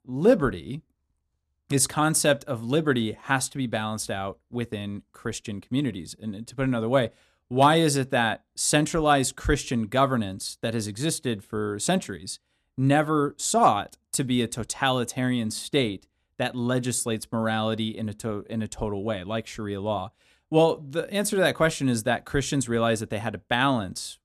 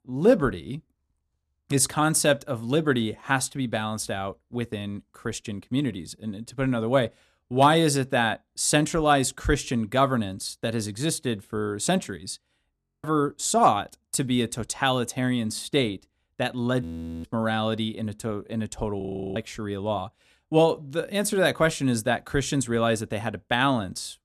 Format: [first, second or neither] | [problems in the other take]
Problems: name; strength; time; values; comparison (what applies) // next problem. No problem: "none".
first | audio freezing; at 13 s, at 17 s and at 19 s